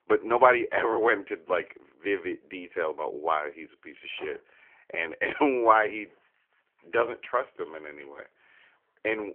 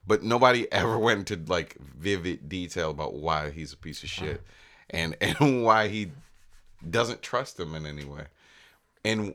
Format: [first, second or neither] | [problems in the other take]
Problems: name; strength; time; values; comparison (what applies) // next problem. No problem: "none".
second | phone-call audio; nothing above 3 kHz